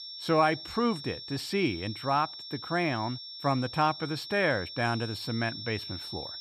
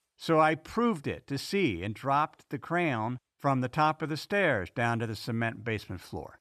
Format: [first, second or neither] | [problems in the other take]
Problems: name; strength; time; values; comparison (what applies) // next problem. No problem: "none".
second | high-pitched whine; loud; throughout; 5.5 kHz, 9 dB below the speech